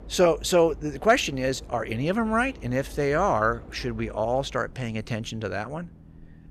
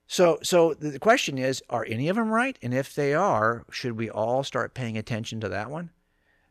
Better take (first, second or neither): second